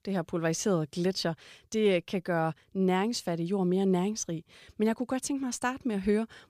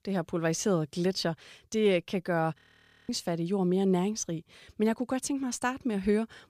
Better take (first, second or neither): first